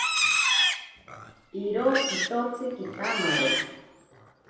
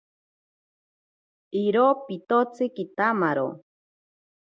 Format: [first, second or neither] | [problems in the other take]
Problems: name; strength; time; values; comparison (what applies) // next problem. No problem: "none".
second | background sound (Livestock, farm animals, working animals); 2 dB above the speech // room echo; dies away in 0.9 s